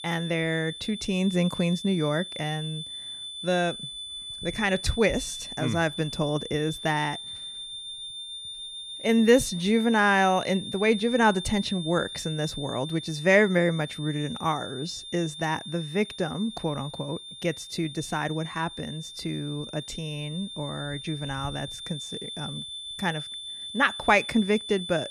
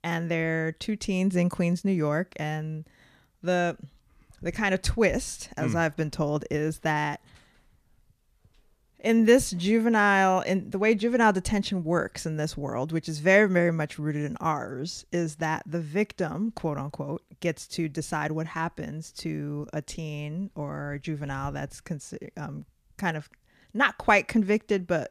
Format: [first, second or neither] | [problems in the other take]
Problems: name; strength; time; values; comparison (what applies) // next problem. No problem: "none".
second | high-pitched whine; loud; throughout; 3.5 kHz, 9 dB below the speech